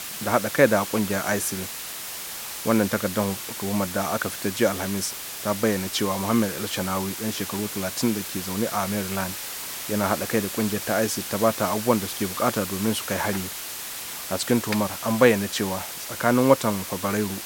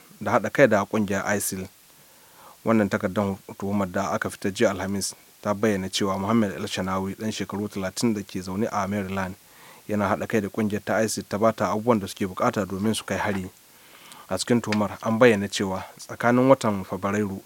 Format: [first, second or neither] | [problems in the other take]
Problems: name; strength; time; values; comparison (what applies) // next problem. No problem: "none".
second | hiss; loud; throughout; 6 dB below the speech; faint in the second